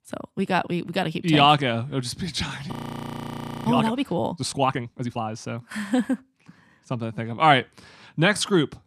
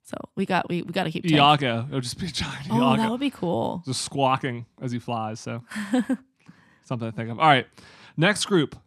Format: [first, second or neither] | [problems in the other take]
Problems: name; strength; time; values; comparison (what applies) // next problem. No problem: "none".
second | audio freezing; at 2.5 s for 1 s